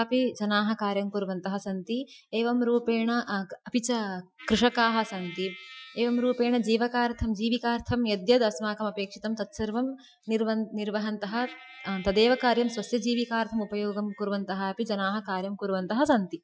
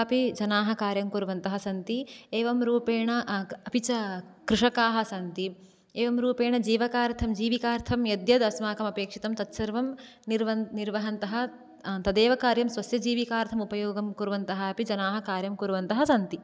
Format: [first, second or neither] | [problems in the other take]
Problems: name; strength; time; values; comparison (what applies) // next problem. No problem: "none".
second | noise reduction (classical method Wiener filter)